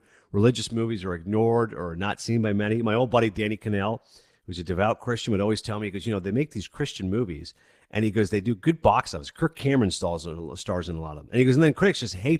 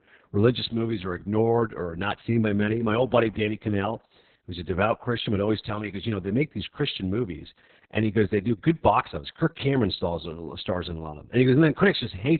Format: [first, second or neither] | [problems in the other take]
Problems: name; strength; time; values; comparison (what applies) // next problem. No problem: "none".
first | garbled, watery; badly; nothing above 4 kHz; slightly in the first